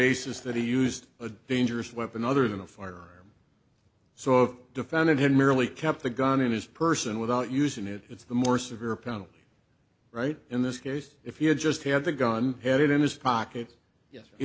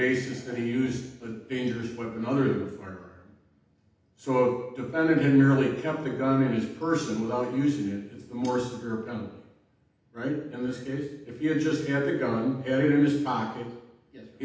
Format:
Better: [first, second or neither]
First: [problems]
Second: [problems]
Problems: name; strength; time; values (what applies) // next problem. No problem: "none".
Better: first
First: none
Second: room echo; dies away in 0.8 s